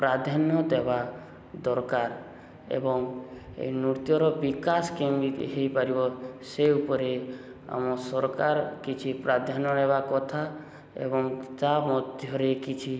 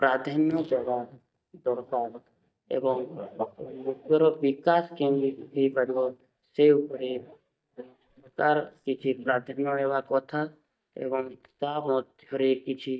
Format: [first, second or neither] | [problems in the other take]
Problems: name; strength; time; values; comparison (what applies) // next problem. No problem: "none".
first | noise reduction (neural mask model DeepFilterNet 3)